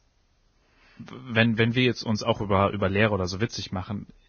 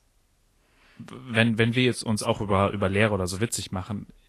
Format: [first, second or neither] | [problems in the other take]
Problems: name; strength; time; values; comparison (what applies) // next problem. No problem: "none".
second | garbled, watery; badly; nothing above 6.5 kHz; slightly in the second